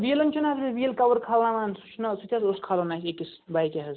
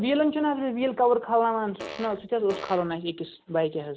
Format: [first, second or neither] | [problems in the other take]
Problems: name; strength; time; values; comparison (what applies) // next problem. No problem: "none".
first | background sound (Fart); 13 dB below the speech